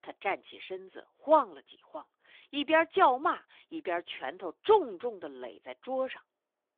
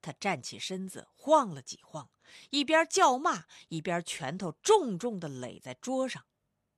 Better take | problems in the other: second | phone-call audio; nothing above 3.5 kHz

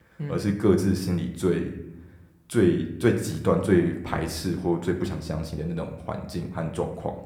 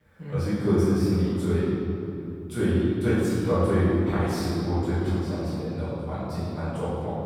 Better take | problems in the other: first | room echo; strong; dies away in 2.8 s; slight in the first // off-mic speech; far

